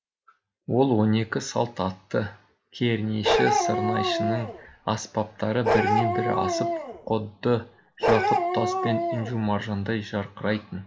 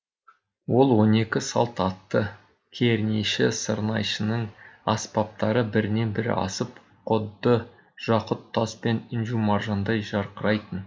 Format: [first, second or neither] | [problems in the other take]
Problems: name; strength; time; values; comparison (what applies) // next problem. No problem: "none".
second | background sound (Bark); 1 dB above the speech